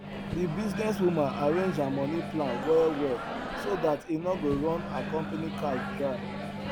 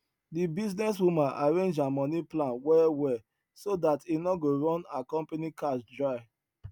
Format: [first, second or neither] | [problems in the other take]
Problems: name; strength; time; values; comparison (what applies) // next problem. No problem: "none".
second | background sound (Microwave oven); 5 dB below the speech